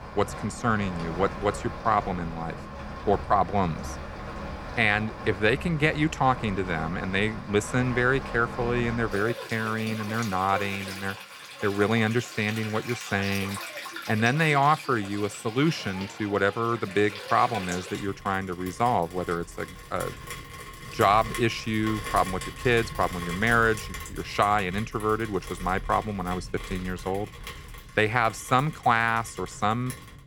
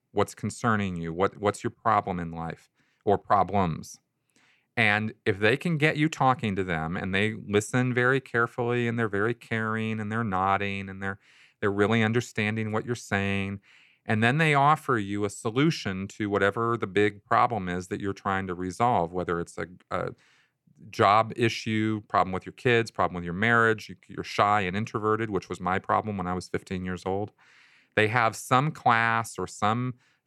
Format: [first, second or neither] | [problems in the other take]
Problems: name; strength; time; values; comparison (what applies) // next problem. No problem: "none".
second | rain or running water; noticeable; throughout; 10 dB below the speech